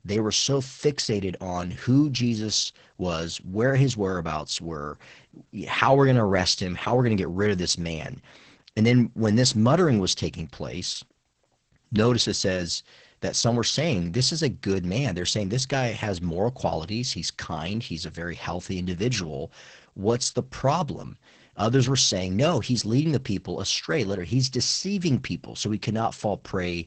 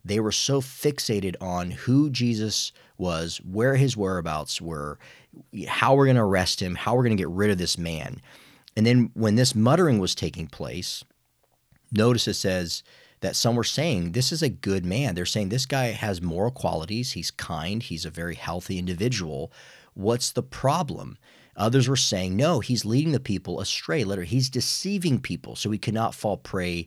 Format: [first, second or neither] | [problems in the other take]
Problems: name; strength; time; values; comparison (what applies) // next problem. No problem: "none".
second | garbled, watery; badly; nothing above 8 kHz